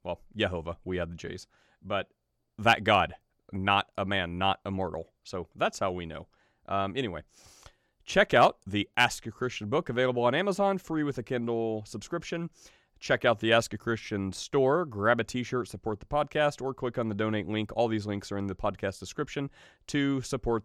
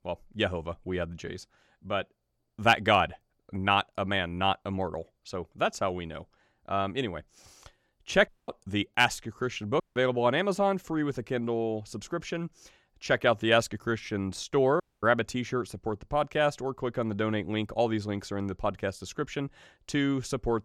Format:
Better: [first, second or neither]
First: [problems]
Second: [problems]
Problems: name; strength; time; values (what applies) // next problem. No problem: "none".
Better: first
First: none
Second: audio cutting out; at 8.5 s, at 10 s and at 15 s